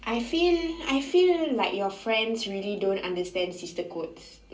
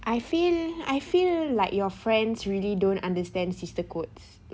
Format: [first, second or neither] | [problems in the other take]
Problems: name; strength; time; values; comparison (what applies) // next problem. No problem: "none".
second | room echo; dies away in 0.3 s